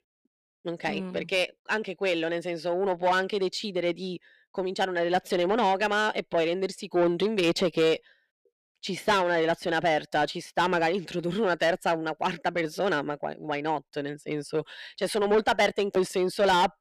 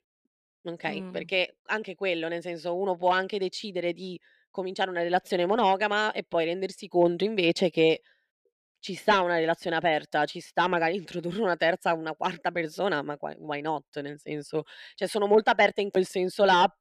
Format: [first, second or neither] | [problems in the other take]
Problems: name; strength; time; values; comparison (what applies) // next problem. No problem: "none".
second | distortion; slight; 10 dB below the speech